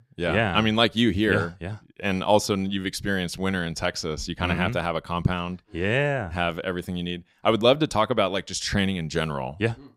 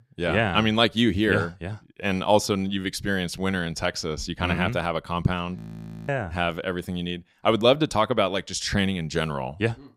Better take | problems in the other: first | audio freezing; at 5.5 s for 0.5 s

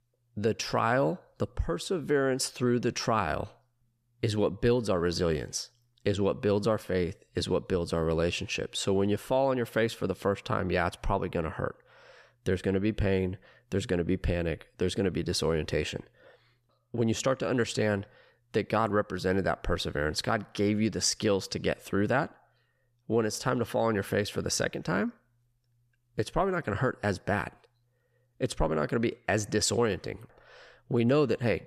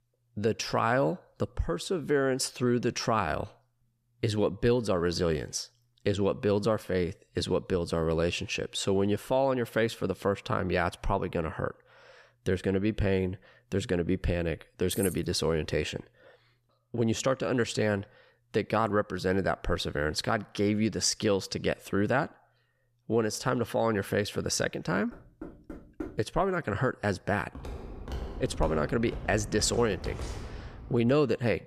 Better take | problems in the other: first | jangling keys; noticeable; at 15 s; peak 7 dB below the speech // door banging; faint; from 25 to 26 s; peak 10 dB below the speech // footsteps; noticeable; from 28 to 31 s; peak 9 dB below the speech

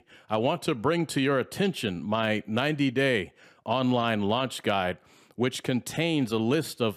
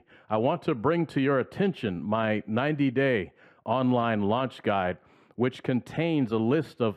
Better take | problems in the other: first | muffled; very; fading above 3.5 kHz

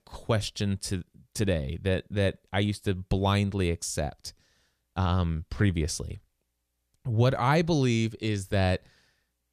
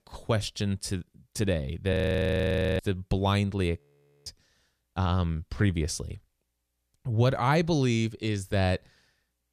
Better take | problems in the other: first | audio freezing; at 2 s for 1 s and at 4 s

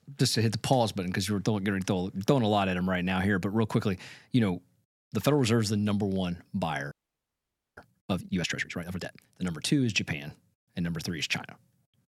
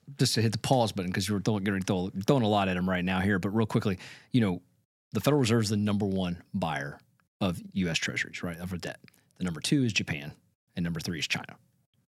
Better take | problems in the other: second | audio freezing; at 7 s for 1 s

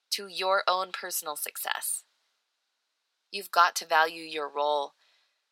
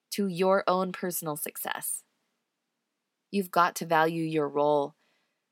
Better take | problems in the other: second | thin; very; fading below 750 Hz

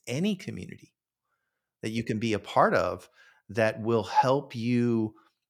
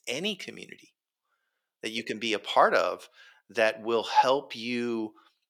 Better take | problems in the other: first | thin; somewhat; fading below 350 Hz

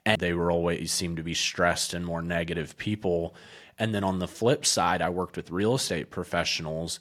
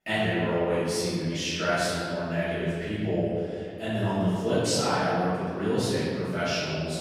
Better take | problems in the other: first | room echo; strong; dies away in 2.2 s // off-mic speech; far

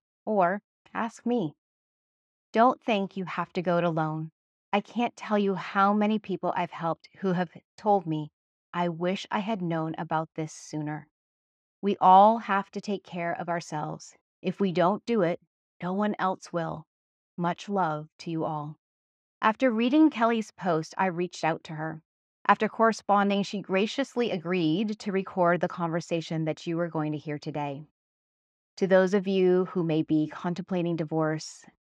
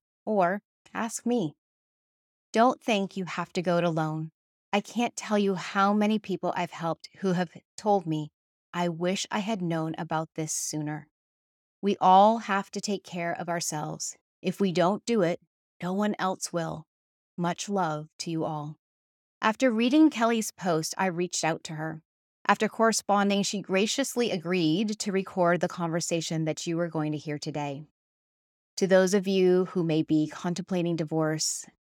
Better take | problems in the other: second | muffled; slightly; fading above 3 kHz

